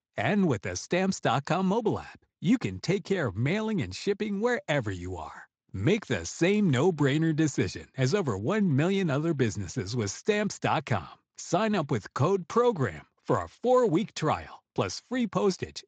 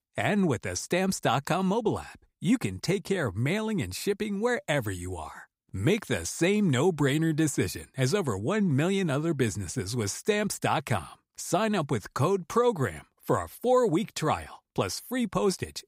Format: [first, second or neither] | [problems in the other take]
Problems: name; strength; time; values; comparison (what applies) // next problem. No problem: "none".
second | garbled, watery; slightly; nothing above 7.5 kHz